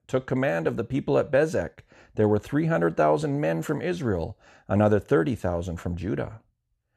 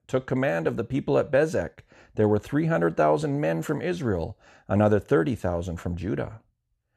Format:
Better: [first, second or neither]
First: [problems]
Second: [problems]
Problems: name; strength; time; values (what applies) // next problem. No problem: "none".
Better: neither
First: none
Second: none